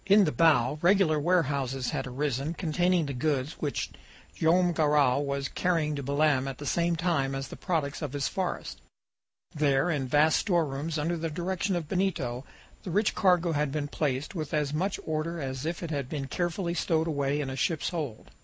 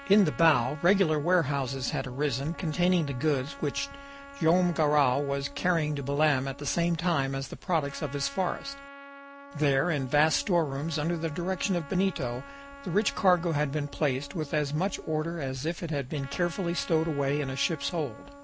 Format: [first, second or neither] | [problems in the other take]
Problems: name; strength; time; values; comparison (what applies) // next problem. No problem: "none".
first | background sound (Trumpet); 18 dB below the speech